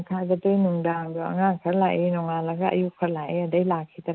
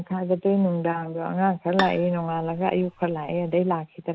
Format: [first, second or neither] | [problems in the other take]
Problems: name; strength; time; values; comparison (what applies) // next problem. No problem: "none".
first | background sound (Bowed string instrument); 12 dB below the speech